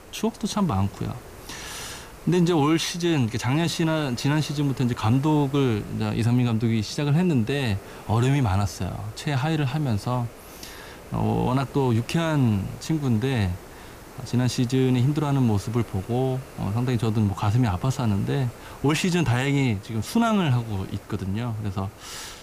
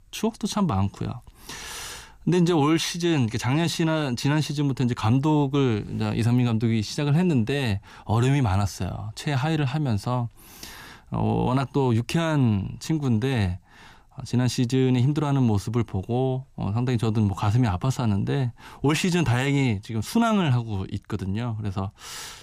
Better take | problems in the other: second | hiss; noticeable; throughout; 20 dB below the speech

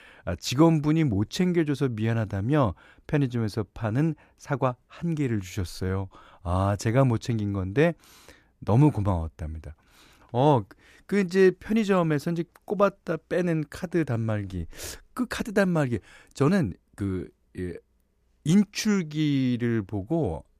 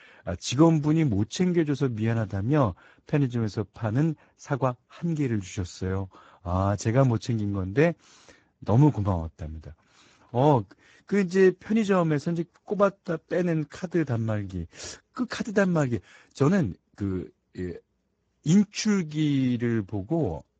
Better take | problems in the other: first | garbled, watery; badly; nothing above 7.5 kHz

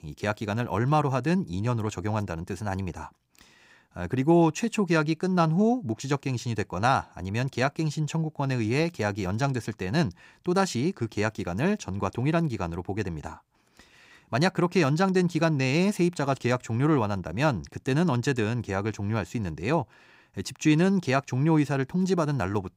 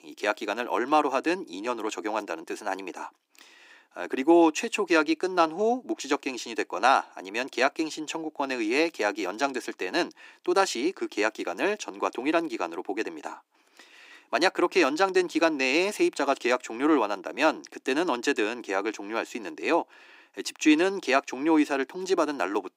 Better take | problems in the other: first | thin; somewhat; fading below 300 Hz

